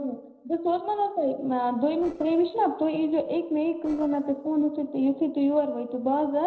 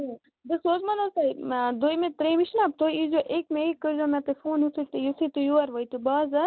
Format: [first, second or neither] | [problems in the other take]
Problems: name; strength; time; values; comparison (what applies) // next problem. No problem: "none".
second | noise reduction (neural separator model SepFormer DNS4)